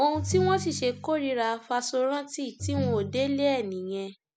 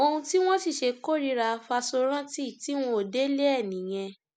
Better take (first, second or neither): second